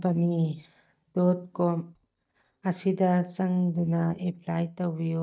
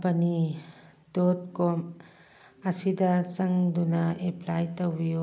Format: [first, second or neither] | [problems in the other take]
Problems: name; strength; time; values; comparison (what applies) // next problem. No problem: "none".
second | noise reduction (neural mask model DeepFilterNet 3)